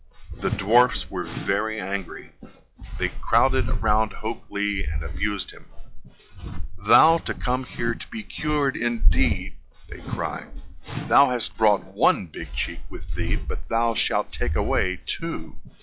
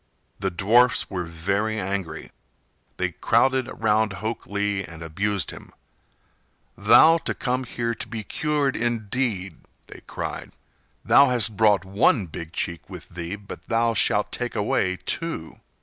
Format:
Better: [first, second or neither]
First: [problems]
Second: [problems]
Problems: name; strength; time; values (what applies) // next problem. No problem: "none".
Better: second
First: noise reduction (classical method log-MMSE)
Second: none